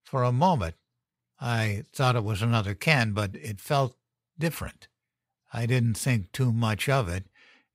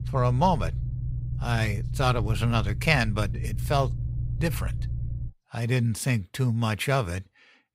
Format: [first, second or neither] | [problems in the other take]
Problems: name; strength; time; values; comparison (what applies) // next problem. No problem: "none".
first | low rumble; noticeable; until 5.5 s; 20 dB below the speech